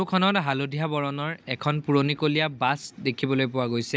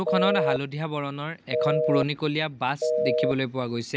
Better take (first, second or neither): first